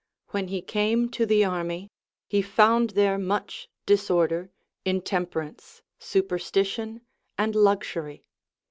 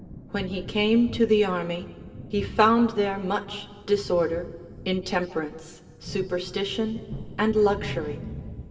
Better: first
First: none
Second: background sound (Thunder); 13 dB below the speech // room echo; dies away in 1.7 s

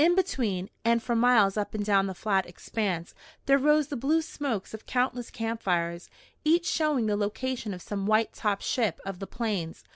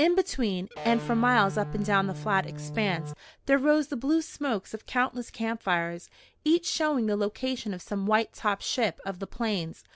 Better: first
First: none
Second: background sound (Electric guitar); 8 dB below the speech

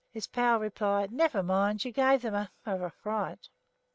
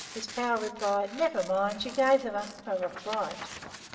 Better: first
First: none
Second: background sound (Tearing); 15 dB below the speech // room echo; dies away in 2.9 s

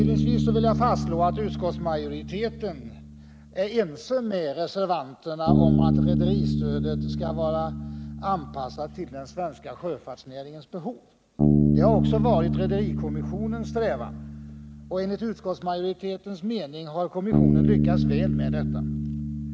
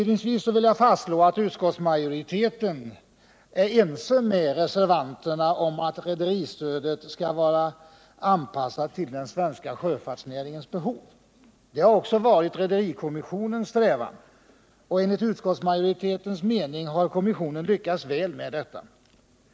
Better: second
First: background sound (Bass guitar); 3 dB above the speech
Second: none

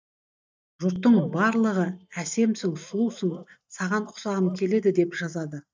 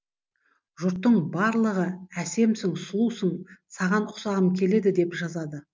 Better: second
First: noise reduction (neural mask model DeepFilterNet 3)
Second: none

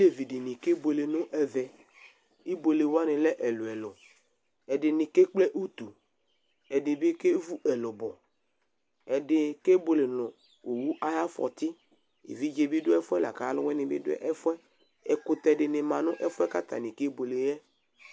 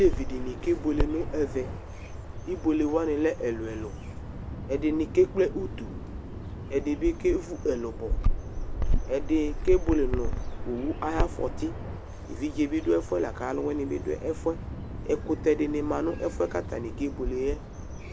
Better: first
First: none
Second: background sound (Bird vocalization, bird call, bird song); 3 dB below the speech

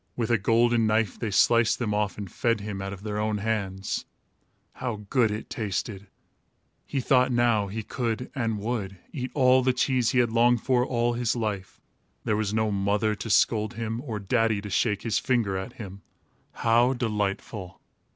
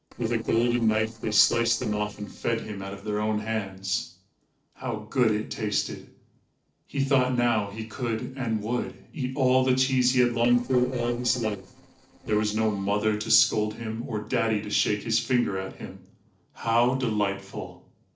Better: first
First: none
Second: noise reduction (neural separator model SepFormer DNS4)

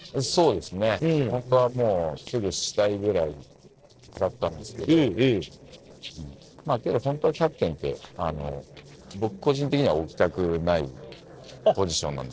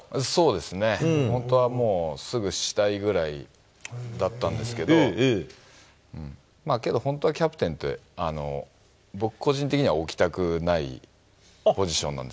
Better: second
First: noise reduction (neural separator model SepFormer DNS4)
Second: none

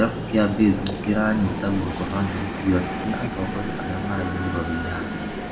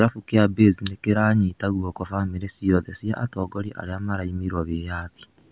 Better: second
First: background sound (Train); 5 dB below the speech // room echo; dies away in 0.6 s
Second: none

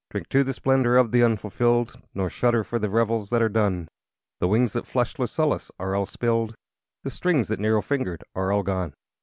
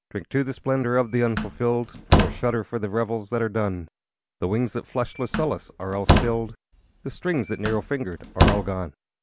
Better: first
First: none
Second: background sound (Slam); as loud as the speech

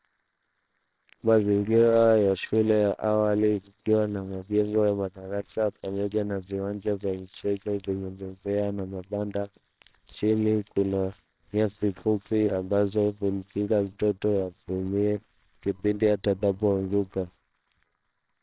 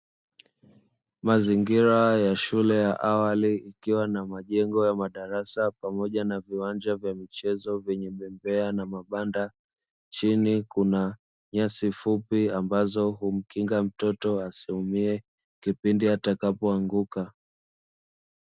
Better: second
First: noise reduction (neural separator model SepFormer WHAMR!)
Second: none

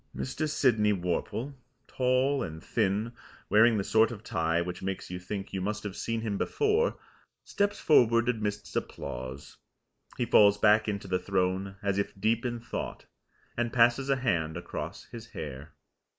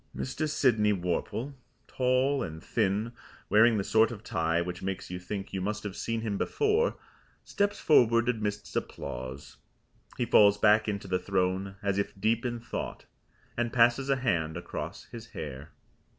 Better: second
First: noise reduction (neural mask model Resemble Enhance denoiser)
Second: none

